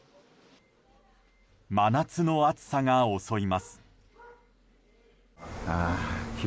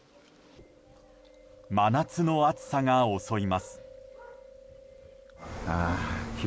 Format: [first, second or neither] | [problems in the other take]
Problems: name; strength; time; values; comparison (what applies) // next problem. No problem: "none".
first | background sound (Chewing, mastication); 20 dB below the speech